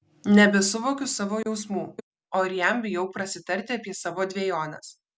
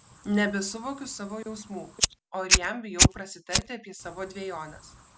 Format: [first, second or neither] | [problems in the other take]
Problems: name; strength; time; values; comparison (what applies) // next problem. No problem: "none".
first | background sound (Fire); 4 dB above the speech